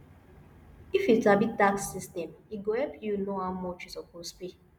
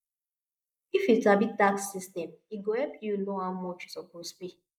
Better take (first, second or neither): first